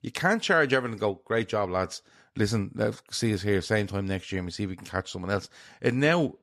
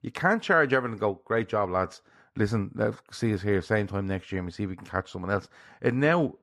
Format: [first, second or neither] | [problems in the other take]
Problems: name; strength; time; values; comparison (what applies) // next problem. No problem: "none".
first | muffled; slightly; fading above 2.5 kHz